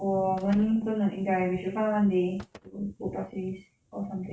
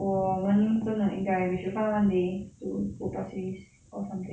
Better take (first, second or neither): second